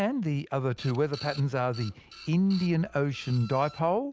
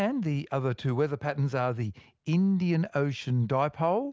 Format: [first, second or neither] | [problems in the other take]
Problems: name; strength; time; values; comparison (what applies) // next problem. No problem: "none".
second | background sound (Printer); 19 dB below the speech